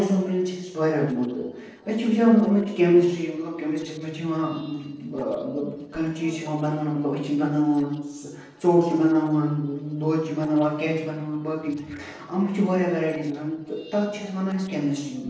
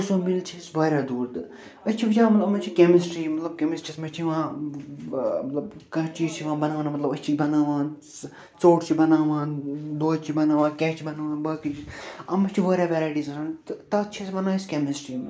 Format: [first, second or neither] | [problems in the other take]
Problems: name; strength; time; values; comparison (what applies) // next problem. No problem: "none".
second | noise reduction (neural separator model SepFormer DNS4)